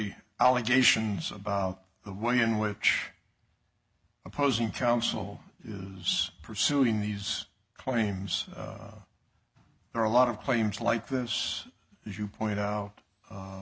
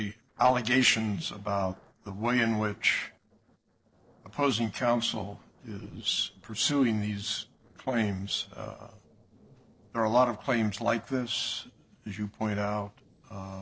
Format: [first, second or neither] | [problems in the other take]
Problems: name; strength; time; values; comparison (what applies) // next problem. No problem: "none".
first | noise reduction (neural separator model SepFormer DNS4)